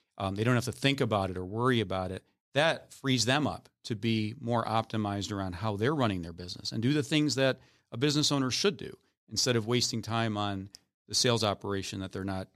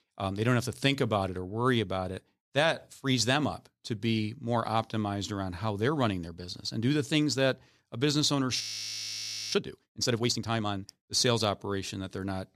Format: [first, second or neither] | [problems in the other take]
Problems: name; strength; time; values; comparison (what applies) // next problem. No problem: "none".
first | audio freezing; at 8.5 s for 1 s